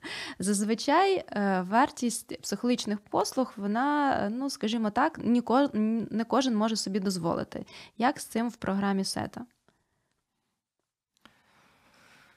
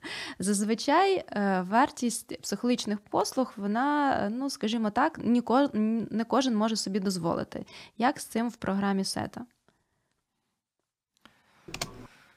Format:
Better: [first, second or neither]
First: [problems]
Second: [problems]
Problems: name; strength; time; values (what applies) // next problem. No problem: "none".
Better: first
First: none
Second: keyboard typing; noticeable; at 12 s; peak 9 dB below the speech